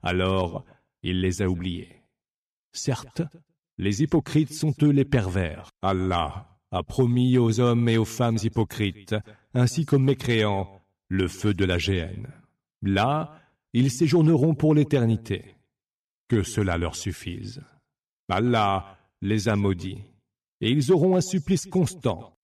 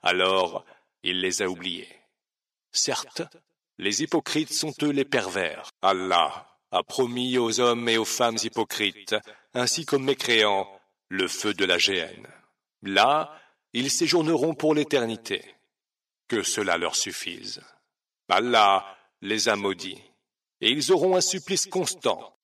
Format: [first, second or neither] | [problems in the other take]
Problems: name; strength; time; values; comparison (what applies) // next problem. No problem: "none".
first | thin; somewhat; fading below 500 Hz